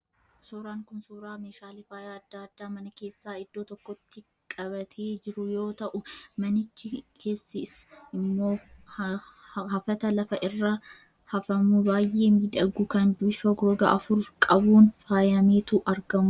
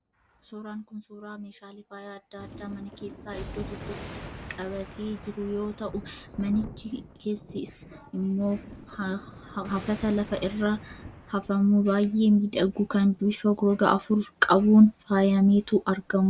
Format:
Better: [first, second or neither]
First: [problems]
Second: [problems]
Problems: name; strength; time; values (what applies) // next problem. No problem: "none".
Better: first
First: none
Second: background sound (Thunder); 18 dB below the speech